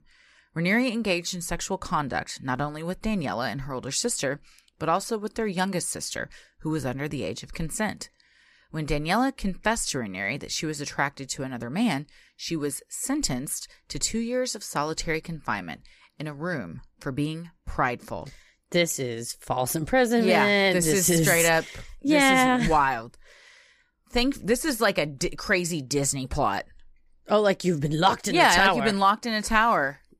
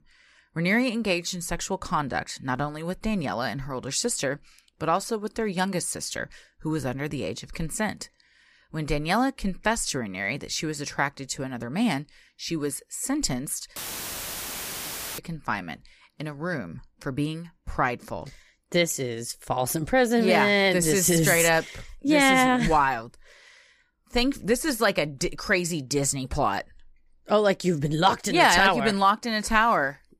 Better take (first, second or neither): first